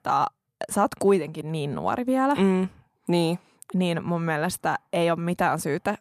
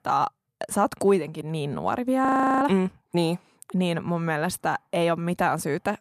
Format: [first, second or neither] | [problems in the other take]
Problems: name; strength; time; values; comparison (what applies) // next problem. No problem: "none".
first | audio freezing; at 2.5 s